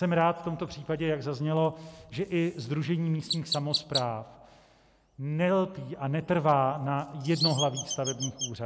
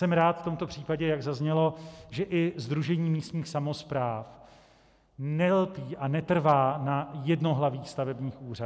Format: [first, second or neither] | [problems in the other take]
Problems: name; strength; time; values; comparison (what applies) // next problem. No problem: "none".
second | background sound (Chirp, tweet); 10 dB below the speech